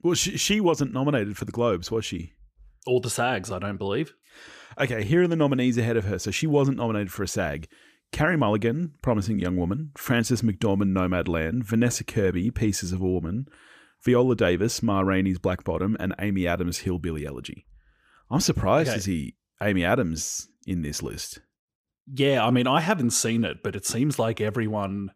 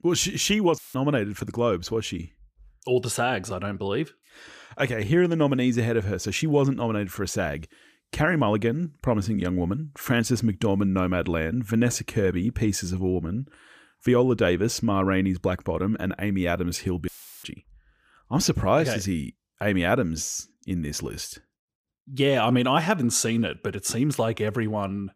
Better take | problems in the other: first | audio cutting out; filled with static; at 1 s and at 17 s

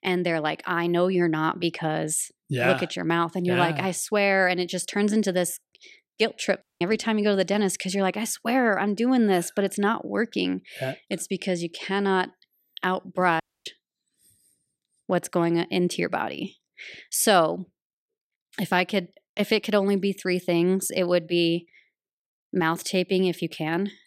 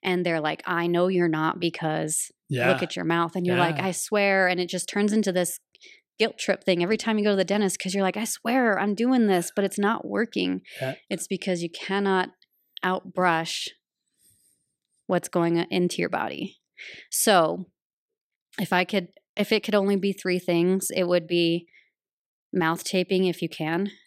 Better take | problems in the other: second | audio cutting out; at 6.5 s and at 13 s

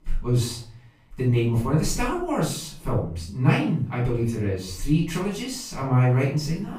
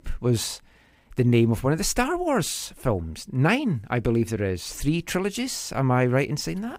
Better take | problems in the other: second | off-mic speech; far // room echo; noticeable; dies away in 0.4 s

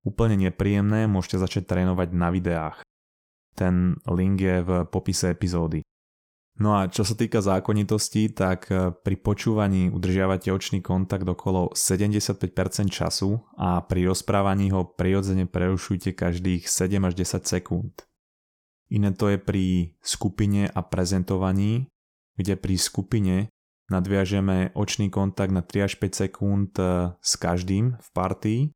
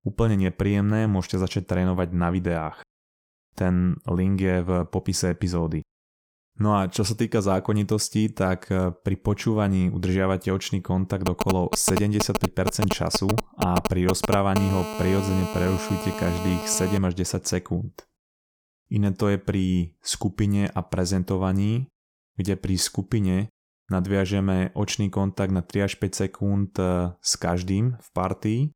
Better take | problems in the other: first | phone ringing; noticeable; from 11 to 17 s; peak 4 dB below the speech

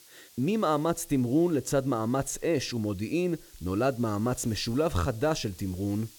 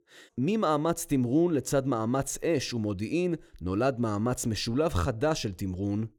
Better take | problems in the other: second | hiss; faint; throughout; 25 dB below the speech

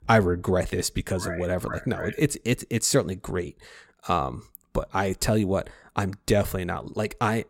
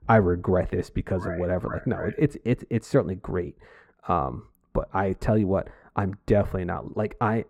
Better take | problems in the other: first | muffled; very; fading above 3 kHz

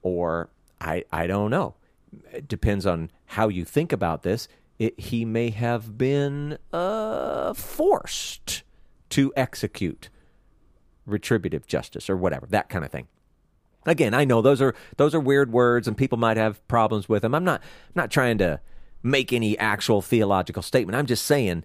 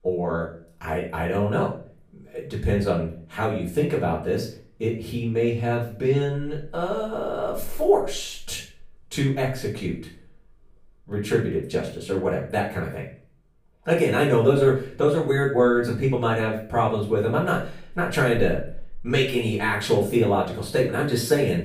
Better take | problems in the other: first | off-mic speech; far // room echo; slight; dies away in 0.4 s

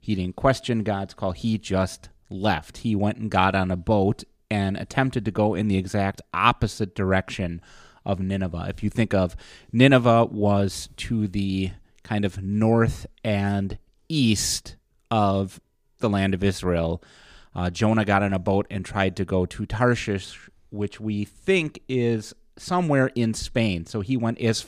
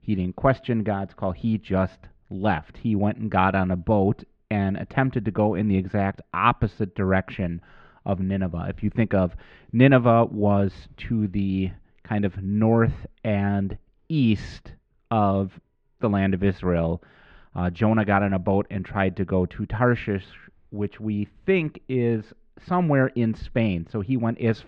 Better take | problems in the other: first | muffled; very; fading above 2.5 kHz

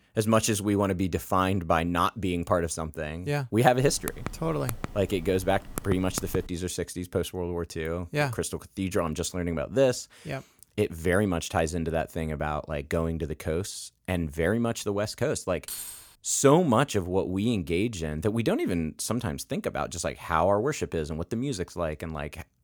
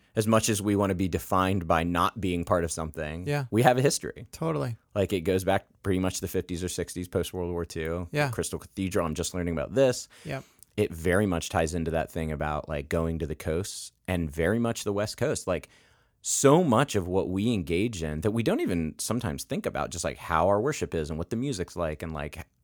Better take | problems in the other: second | keyboard typing; noticeable; from 4 to 6.5 s; peak 8 dB below the speech // jangling keys; noticeable; at 16 s; peak 7 dB below the speech

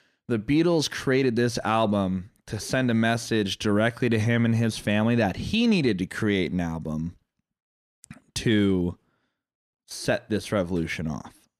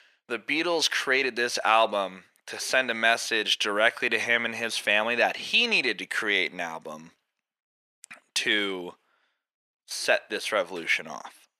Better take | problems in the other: first | thin; very; fading below 700 Hz

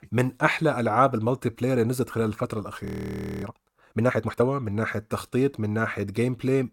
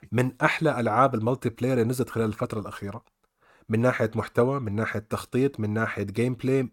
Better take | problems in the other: second | audio freezing; at 3 s for 0.5 s

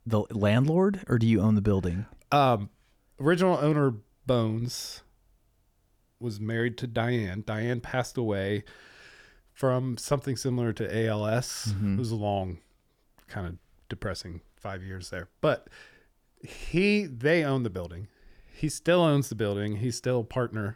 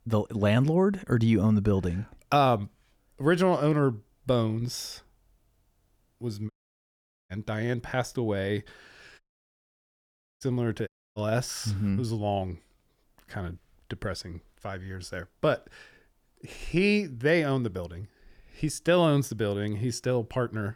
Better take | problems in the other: first | audio cutting out; at 6.5 s for 1 s, at 9 s for 1 s and at 11 s

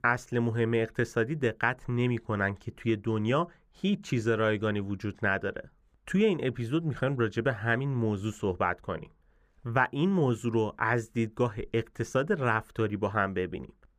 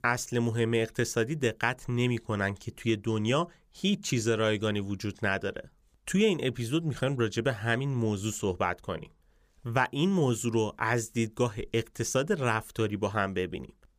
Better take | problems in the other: second | muffled; slightly; fading above 3 kHz

